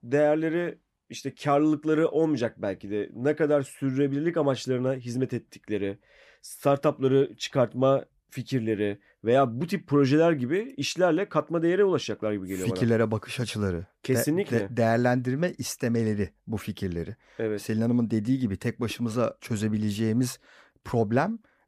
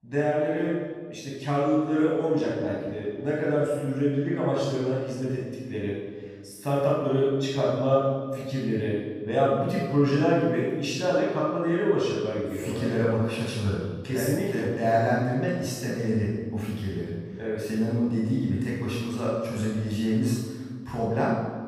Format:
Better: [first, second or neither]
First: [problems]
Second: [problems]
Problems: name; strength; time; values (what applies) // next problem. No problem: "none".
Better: first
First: none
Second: off-mic speech; far // room echo; strong; dies away in 1.3 s